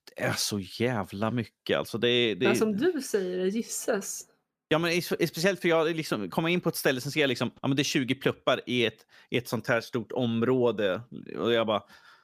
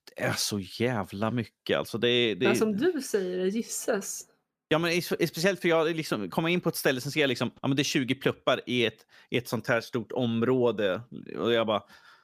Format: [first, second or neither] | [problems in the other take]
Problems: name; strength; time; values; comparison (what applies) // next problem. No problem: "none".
neither | none